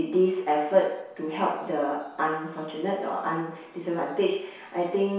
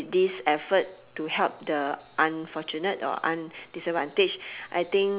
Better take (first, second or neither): second